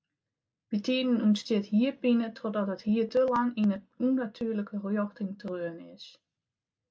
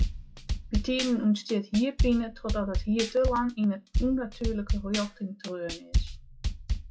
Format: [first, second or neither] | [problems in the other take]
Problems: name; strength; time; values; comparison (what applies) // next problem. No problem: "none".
first | noise reduction (classical method log-MMSE)